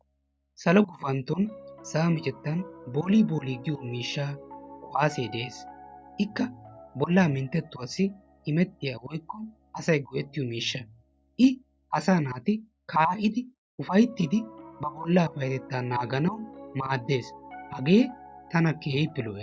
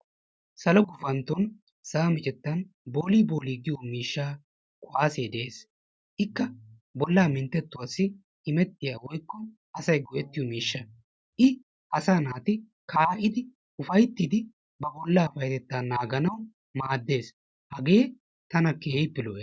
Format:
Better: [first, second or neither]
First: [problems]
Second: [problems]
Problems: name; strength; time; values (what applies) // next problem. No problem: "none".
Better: second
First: background sound (Piano); 20 dB below the speech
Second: none